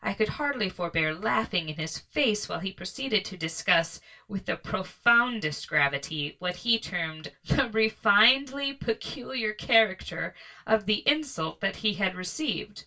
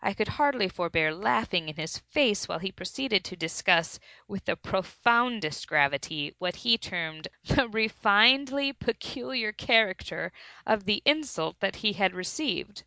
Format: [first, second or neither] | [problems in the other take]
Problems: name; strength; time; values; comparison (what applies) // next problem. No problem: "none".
second | room echo; dies away in 0.2 s